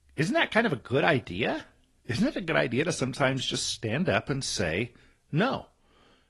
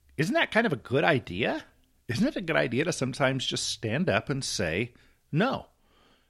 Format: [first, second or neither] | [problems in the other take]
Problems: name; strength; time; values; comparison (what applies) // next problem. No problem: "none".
second | garbled, watery; slightly; nothing above 11 kHz